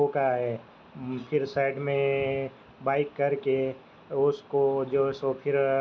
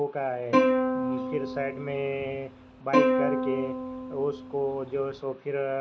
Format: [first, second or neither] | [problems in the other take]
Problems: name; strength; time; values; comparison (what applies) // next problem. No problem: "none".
first | background sound (Plucked string instrument); 3 dB above the speech